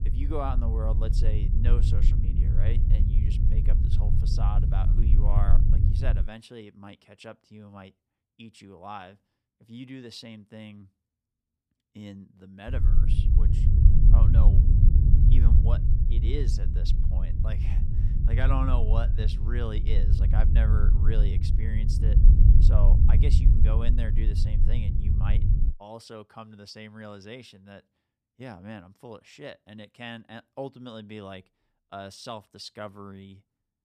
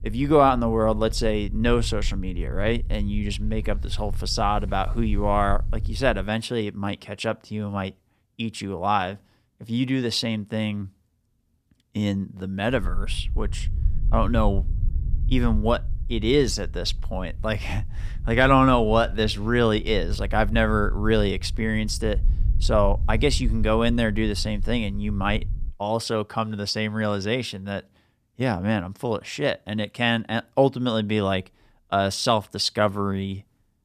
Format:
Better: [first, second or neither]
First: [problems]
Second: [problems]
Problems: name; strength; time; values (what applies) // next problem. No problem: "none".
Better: second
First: low rumble; loud; until 6 s and from 13 to 26 s; 1 dB below the speech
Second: low rumble; faint; until 6 s and from 13 to 26 s; 25 dB below the speech